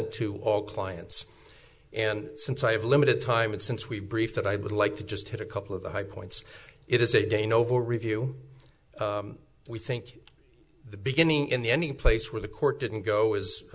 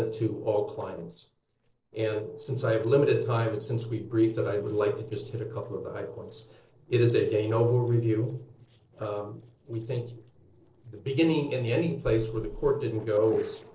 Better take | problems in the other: first | noise reduction (neural separator model SepFormer DNS4)

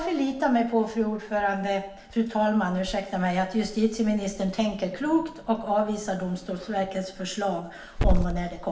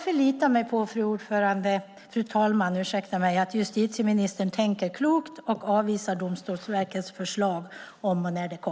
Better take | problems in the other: second | background sound (Growling / Hiss); 7 dB below the speech // room echo; dies away in 0.6 s

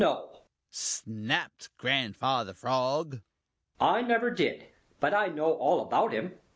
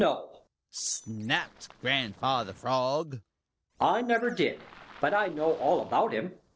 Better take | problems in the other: first | noise reduction (neural separator model SepFormer DNS4)

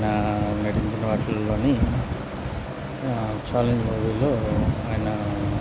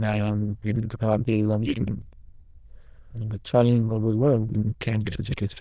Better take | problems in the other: first | noise reduction (neural diffusion model UNIVERSE++)

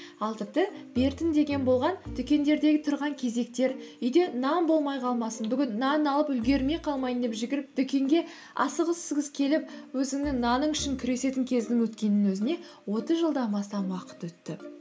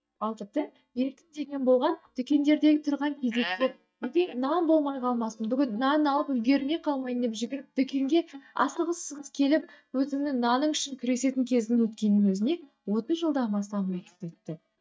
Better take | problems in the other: first | noise reduction (neural mask model DeepFilterNet 3)

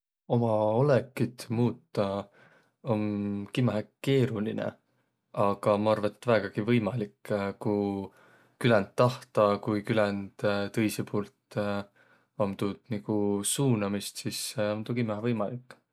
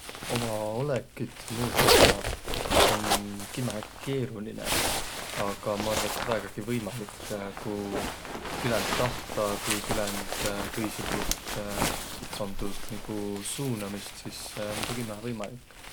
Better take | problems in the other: first | background sound (Zipper (clothing)); 4 dB above the speech

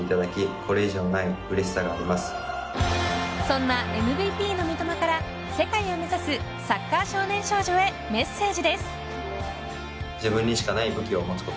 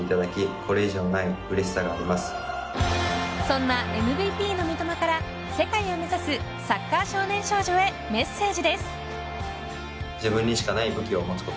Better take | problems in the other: second | background sound (Ringtone / Chime); 16 dB below the speech

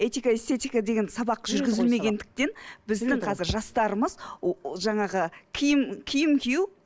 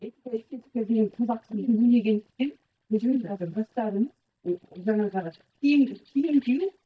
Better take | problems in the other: first | noise reduction (neural mask model DeepFilterNet 3)

